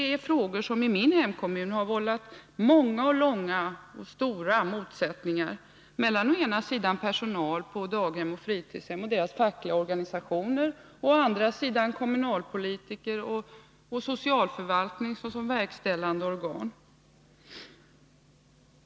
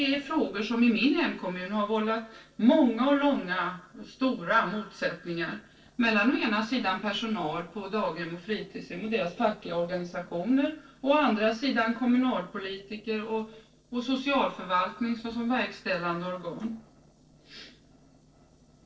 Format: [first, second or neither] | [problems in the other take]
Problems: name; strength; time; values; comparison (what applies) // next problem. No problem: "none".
first | noise reduction (neural separator model SepFormer DNS4)